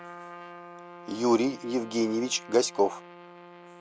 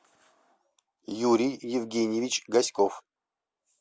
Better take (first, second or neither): second